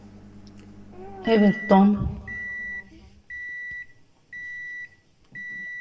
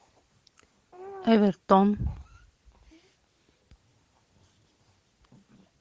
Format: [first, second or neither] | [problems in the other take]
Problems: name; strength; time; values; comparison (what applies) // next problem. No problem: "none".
second | background sound (Microwave oven); 11 dB below the speech // room echo; dies away in 1.3 s